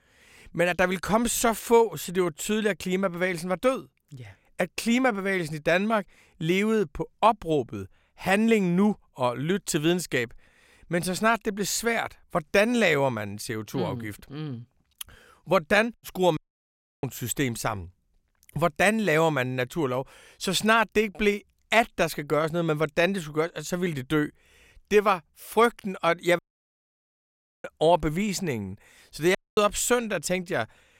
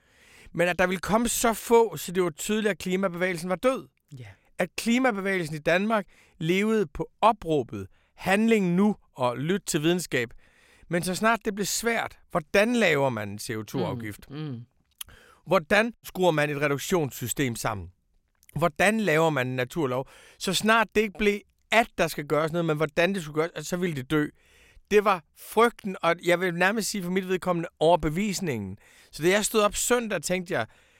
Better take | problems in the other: second | audio cutting out; at 16 s for 0.5 s, at 26 s for 1.5 s and at 29 s

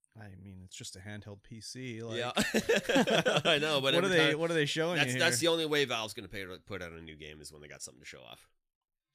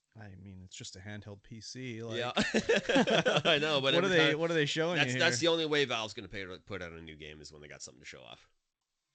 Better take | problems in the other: first | garbled, watery; slightly; nothing above 8 kHz

